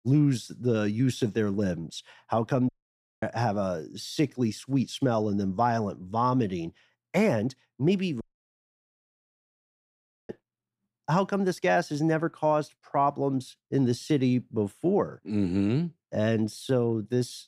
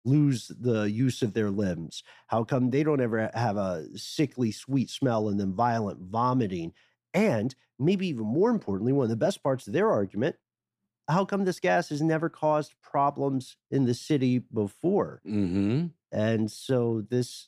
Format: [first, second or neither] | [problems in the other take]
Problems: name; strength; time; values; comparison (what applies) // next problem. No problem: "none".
second | audio cutting out; at 2.5 s for 0.5 s and at 8 s for 2 s